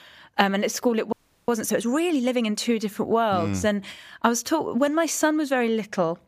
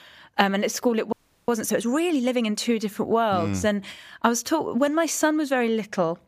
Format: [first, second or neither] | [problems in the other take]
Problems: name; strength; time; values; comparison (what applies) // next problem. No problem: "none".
neither | audio freezing; at 1 s; the same in both